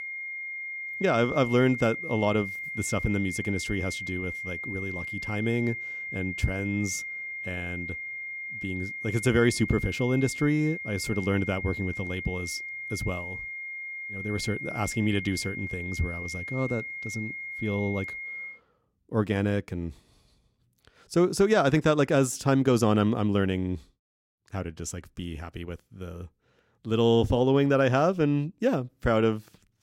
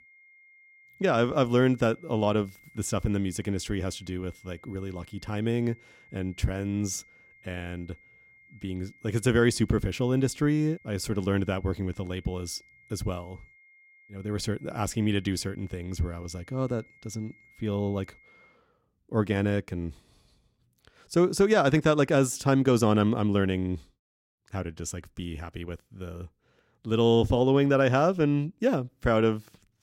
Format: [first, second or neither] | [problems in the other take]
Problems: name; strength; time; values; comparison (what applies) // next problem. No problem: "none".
second | high-pitched whine; loud; until 19 s; 2 kHz, 7 dB below the speech; faint in the second